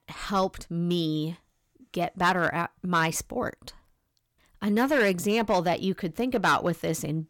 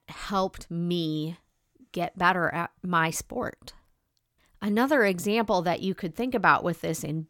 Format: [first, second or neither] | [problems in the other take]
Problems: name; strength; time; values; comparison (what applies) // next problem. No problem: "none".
second | distortion; slight; 2% of the sound clipped